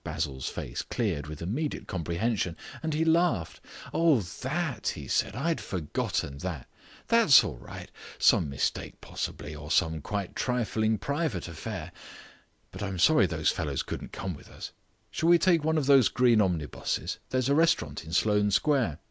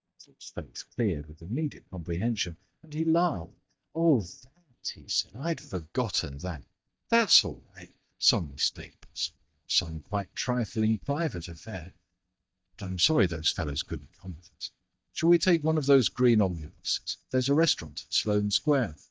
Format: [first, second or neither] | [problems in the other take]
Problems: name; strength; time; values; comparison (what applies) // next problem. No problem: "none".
first | noise reduction (neural mask model DeepFilterNet 3)